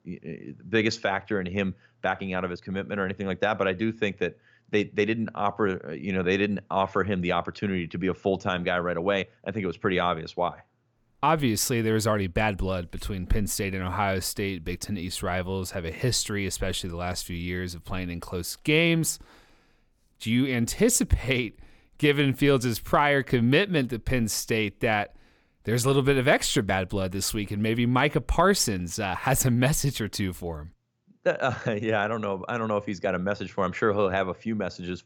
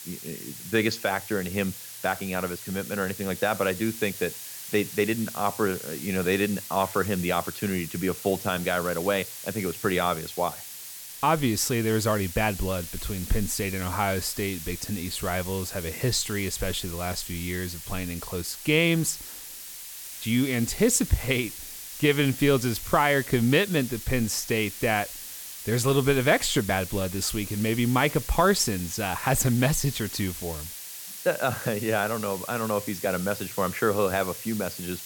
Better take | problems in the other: first | hiss; loud; throughout; 10 dB below the speech

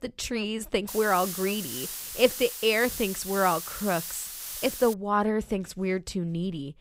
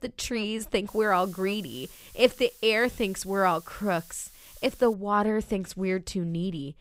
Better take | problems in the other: second | hiss; loud; from 1 to 5 s; 7 dB below the speech; faint in the second

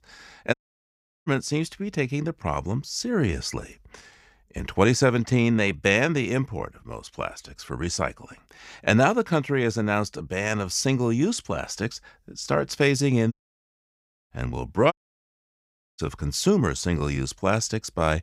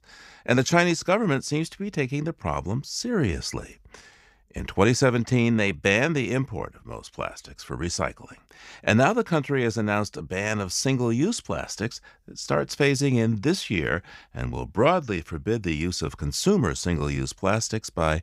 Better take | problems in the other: second | audio cutting out; at 0.5 s for 0.5 s, at 13 s for 1 s and at 15 s for 1 s

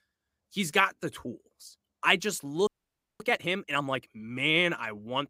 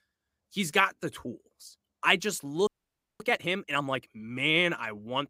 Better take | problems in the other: neither | audio freezing; at 2.5 s for 0.5 s; the same in both

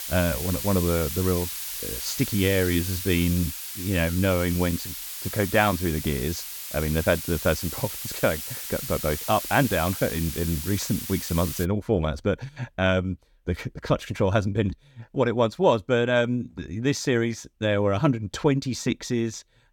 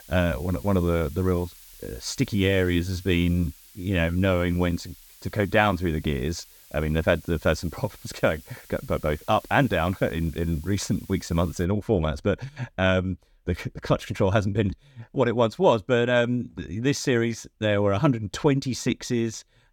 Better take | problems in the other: second | hiss; loud; until 12 s; 6 dB below the speech; faint in the second

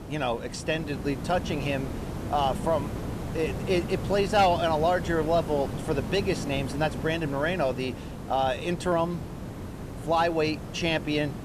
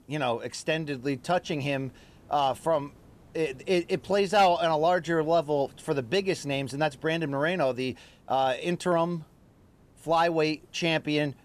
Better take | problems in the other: second | hiss; loud; throughout; 8 dB below the speech; faint in the second

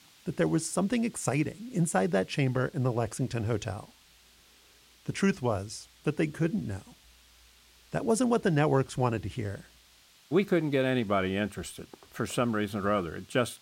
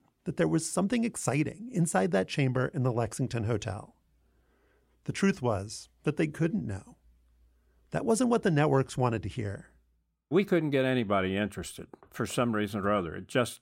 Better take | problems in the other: second | hiss; faint; throughout; 25 dB below the speech

